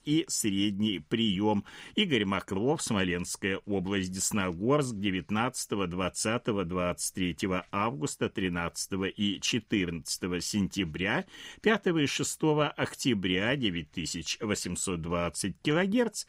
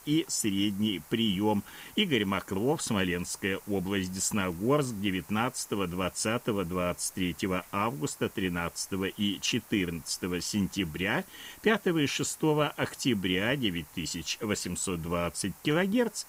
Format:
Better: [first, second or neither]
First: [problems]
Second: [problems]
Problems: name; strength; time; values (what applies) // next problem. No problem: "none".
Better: first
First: none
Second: hiss; faint; throughout; 20 dB below the speech